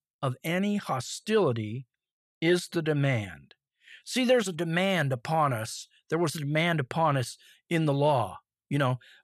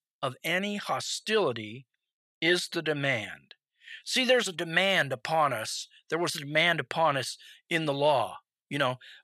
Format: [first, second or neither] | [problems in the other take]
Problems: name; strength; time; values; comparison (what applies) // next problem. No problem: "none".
first | thin; somewhat; fading below 700 Hz